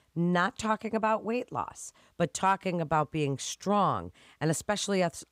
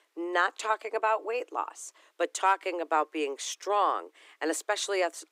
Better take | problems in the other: first | thin; very; fading below 300 Hz

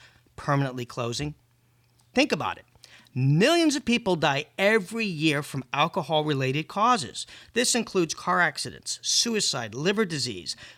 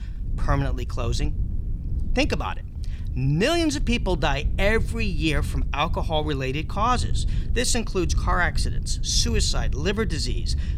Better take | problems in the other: first | wind noise on the microphone; occasional gusts; 20 dB below the speech

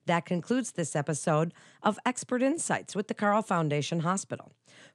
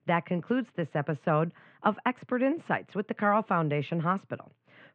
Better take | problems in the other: first | muffled; very; fading above 2.5 kHz

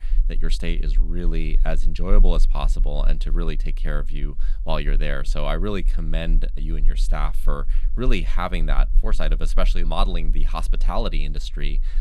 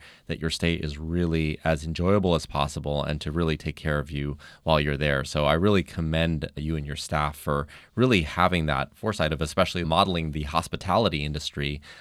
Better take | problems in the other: second | low rumble; faint; throughout; 25 dB below the speech

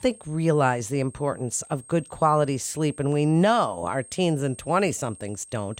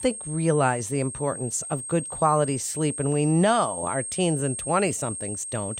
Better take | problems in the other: first | high-pitched whine; loud; throughout; 8.5 kHz, 7 dB below the speech; faint in the first

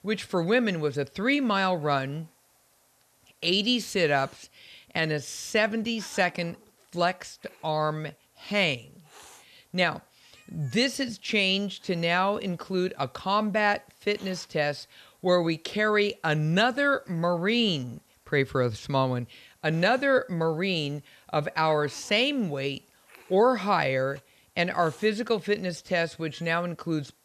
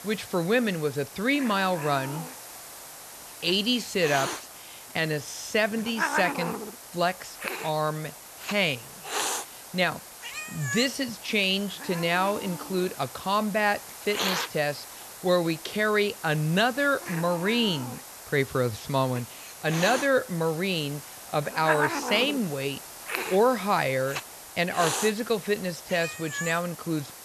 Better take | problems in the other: first | hiss; loud; throughout; 8 dB below the speech; faint in the first

